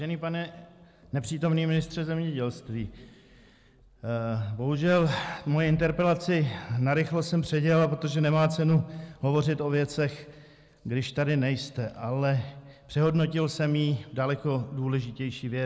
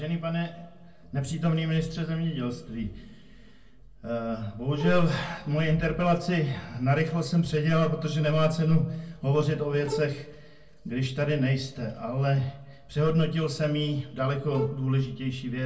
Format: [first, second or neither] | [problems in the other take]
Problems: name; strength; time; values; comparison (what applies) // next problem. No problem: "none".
first | background sound (Bowed string instrument); 11 dB below the speech // room echo; dies away in 0.3 s